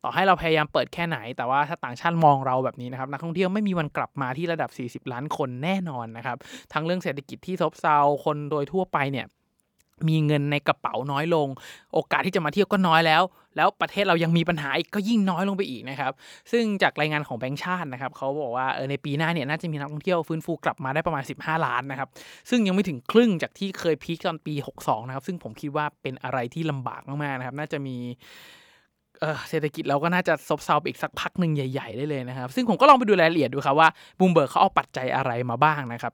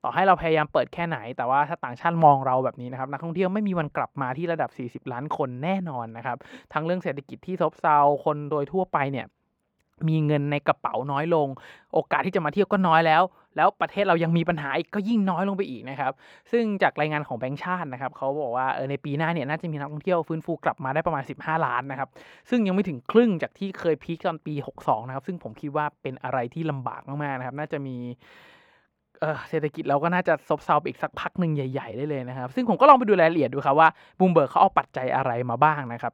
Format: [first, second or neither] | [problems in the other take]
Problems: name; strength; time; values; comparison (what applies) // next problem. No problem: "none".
first | muffled; slightly; fading above 3.5 kHz